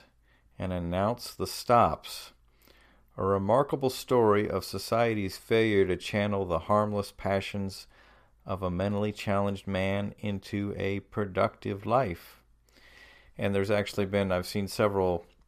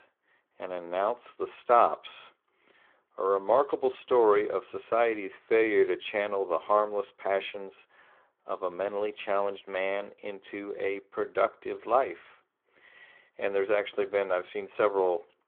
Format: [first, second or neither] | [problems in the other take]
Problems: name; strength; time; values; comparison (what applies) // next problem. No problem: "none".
first | phone-call audio